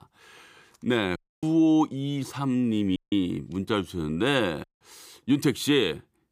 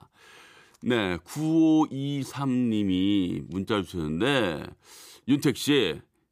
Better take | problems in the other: second | audio cutting out; at 1 s, at 3 s and at 4.5 s

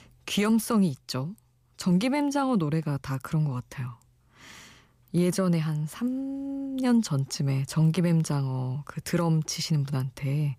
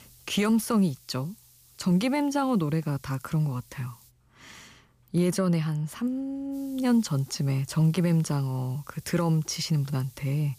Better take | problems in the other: first | hiss; faint; until 4 s and from 6.5 s on; 25 dB below the speech

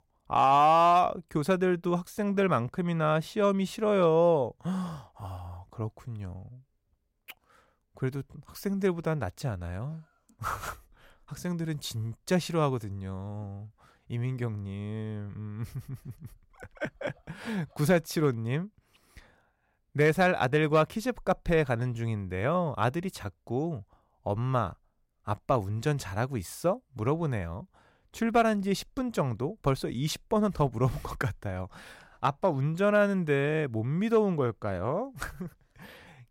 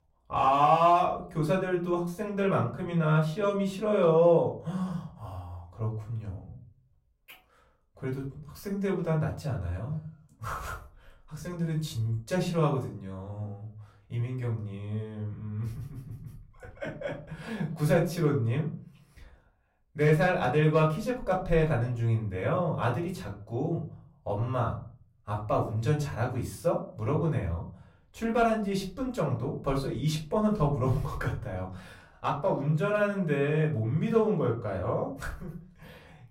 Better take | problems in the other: first | off-mic speech; far // room echo; slight; dies away in 0.4 s

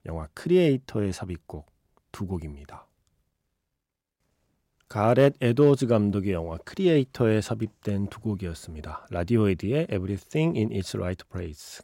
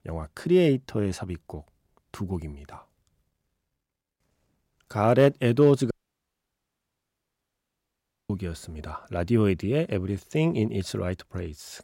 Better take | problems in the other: first | audio cutting out; at 6 s for 2.5 s

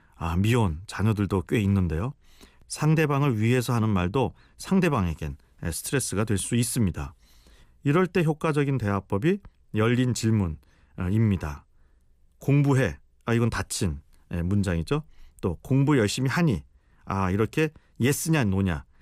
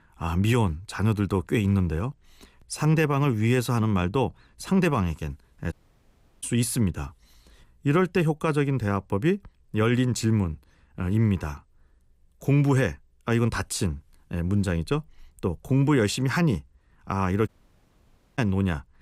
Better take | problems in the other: first | audio cutting out; at 5.5 s for 0.5 s and at 17 s for 1 s

